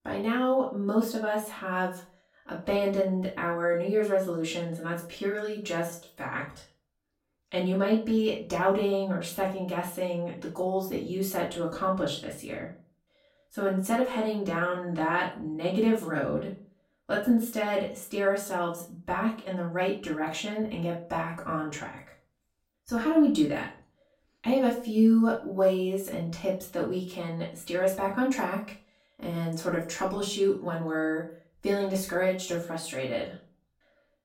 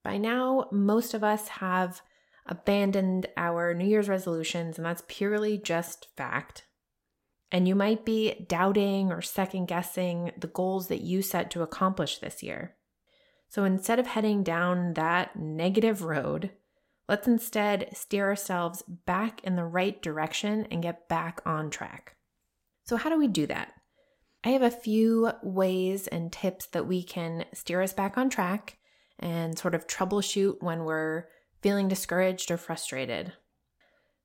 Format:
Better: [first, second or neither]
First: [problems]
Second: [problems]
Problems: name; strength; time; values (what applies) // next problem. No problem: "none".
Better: second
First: room echo; slight; dies away in 0.3 s // off-mic speech; far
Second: none